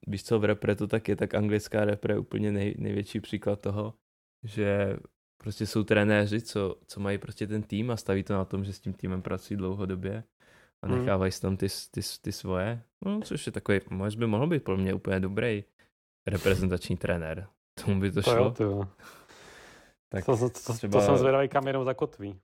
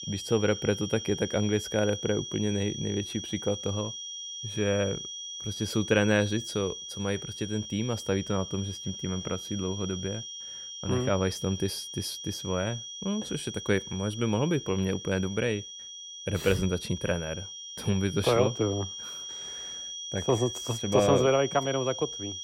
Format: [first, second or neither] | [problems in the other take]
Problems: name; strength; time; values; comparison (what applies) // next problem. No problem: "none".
first | high-pitched whine; loud; throughout; 3.5 kHz, 8 dB below the speech